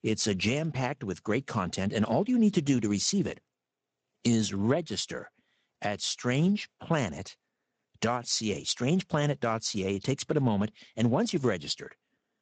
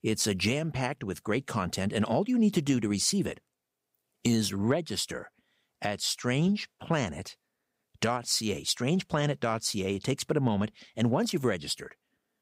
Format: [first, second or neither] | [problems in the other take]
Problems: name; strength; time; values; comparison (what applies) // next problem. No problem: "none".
second | garbled, watery; slightly; nothing above 8 kHz